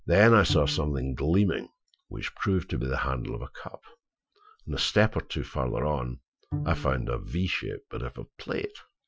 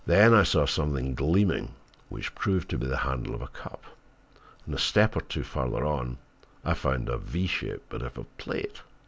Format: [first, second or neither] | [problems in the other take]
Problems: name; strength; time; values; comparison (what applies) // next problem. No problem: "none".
second | noise reduction (classical method Wiener filter)